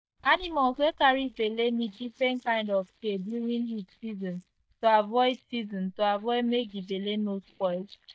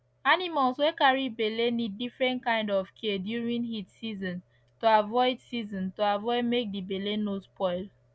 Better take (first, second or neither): second